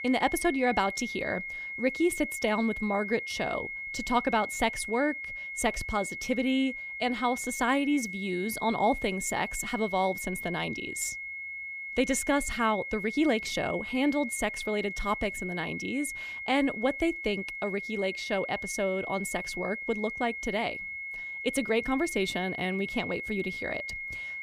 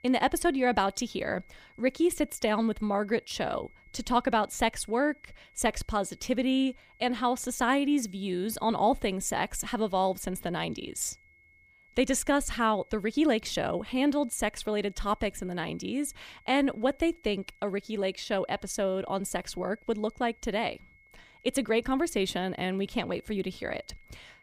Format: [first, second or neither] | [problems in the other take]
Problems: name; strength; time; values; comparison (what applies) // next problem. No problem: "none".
second | high-pitched whine; loud; throughout; 2 kHz, 6 dB below the speech; faint in the second